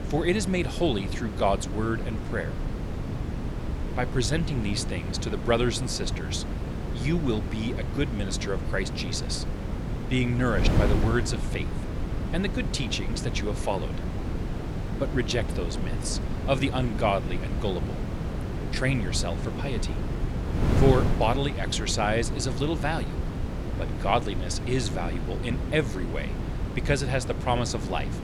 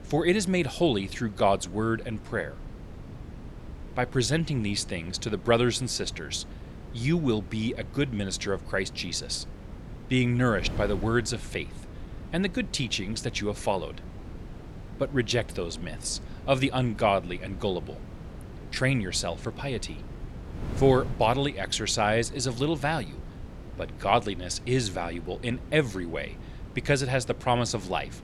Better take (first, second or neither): second